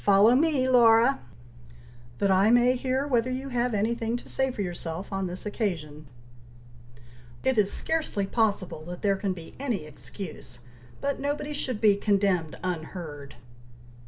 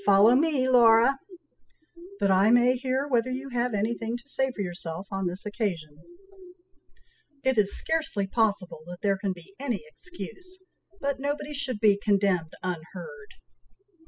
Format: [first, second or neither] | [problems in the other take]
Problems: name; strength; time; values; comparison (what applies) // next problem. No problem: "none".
first | noise reduction (classical method spectral subtraction)